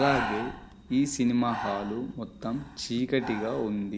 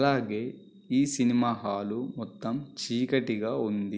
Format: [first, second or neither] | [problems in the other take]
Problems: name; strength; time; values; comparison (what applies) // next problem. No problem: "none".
second | background sound (Breathing); 9 dB below the speech